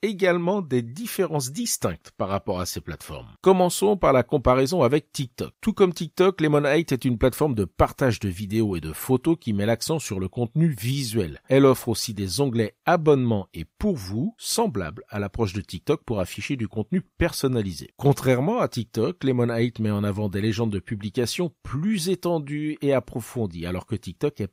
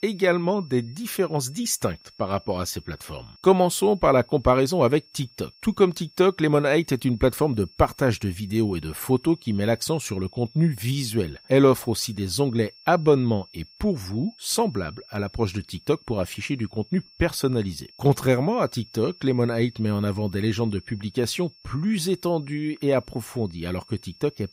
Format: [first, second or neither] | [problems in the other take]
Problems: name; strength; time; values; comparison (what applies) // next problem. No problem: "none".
first | high-pitched whine; faint; throughout; 5.5 kHz, 25 dB below the speech